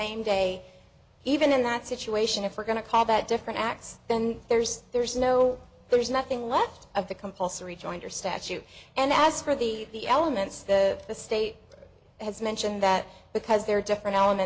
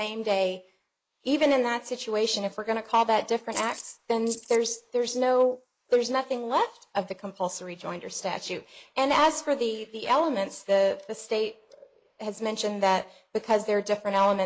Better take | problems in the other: first | noise reduction (neural mask model Resemble Enhance denoiser)

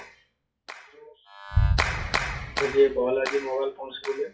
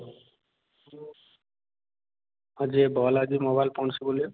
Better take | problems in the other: second | noise reduction (classical method WPE with log-MMSE)

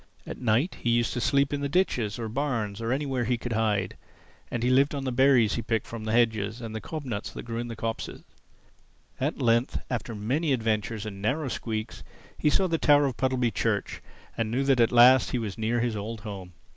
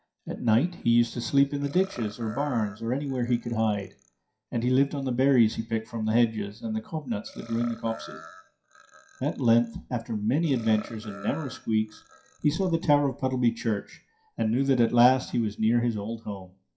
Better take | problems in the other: first | noise reduction (classical method WPE with log-MMSE)

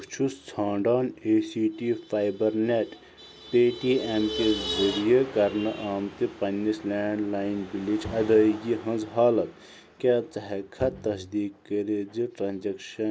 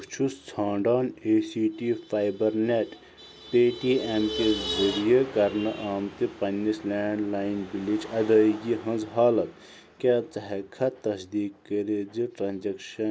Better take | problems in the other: second | background sound (Bowed string instrument); 18 dB below the speech

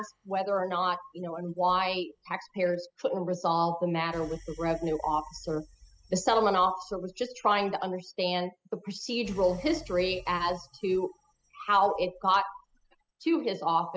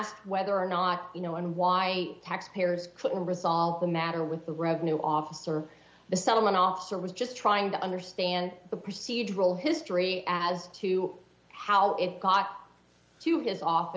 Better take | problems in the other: second | noise reduction (classical method spectral subtraction)

